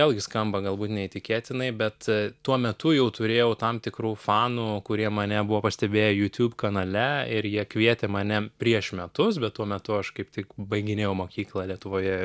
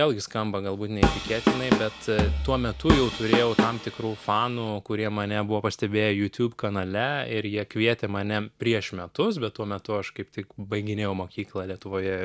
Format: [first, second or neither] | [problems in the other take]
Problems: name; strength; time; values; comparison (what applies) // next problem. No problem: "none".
first | background sound (Drum kit); 1 dB above the speech